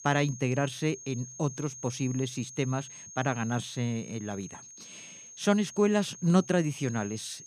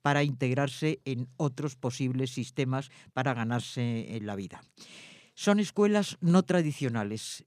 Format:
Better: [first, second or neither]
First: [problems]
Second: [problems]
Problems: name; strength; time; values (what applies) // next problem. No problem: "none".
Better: second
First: high-pitched whine; noticeable; throughout; 6.5 kHz, 15 dB below the speech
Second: none